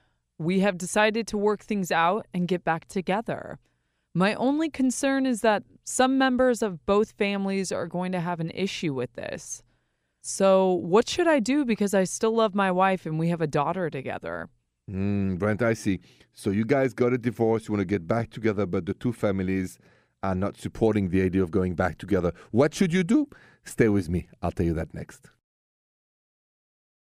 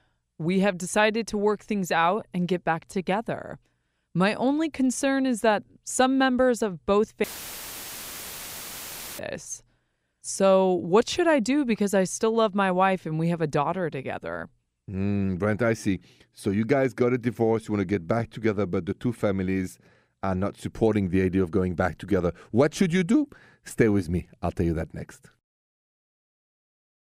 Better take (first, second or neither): first